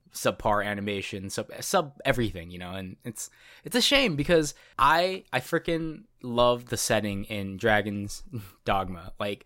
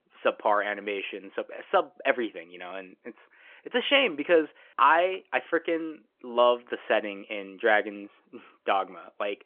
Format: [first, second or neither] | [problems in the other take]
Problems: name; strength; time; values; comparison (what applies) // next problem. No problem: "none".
first | phone-call audio; nothing above 3 kHz